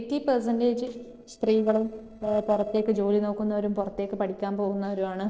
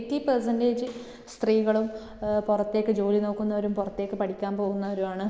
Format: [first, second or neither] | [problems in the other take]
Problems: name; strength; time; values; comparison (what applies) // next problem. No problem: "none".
second | noise reduction (neural separator model SepFormer DNS4)